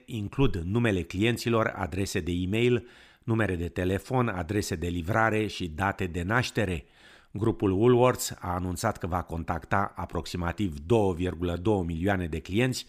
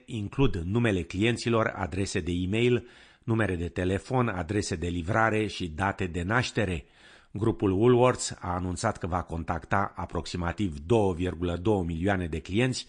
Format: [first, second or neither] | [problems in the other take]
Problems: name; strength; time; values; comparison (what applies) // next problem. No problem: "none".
first | garbled, watery; slightly; nothing above 9 kHz